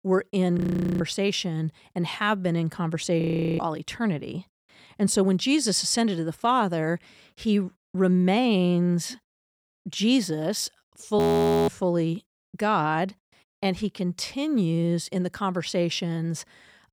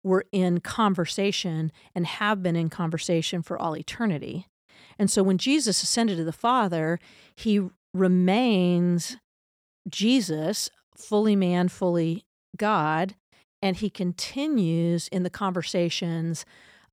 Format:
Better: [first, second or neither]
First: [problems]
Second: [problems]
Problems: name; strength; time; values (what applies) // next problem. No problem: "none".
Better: second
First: audio freezing; at 0.5 s, at 3 s and at 11 s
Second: none